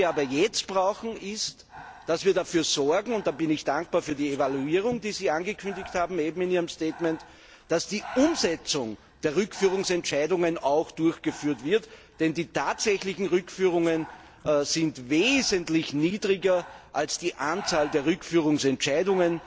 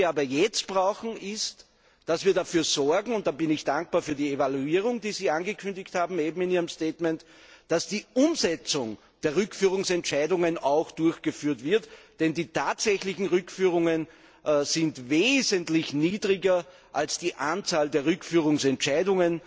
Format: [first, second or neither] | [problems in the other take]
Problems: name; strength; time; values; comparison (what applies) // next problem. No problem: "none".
second | background sound (Breathing); 19 dB below the speech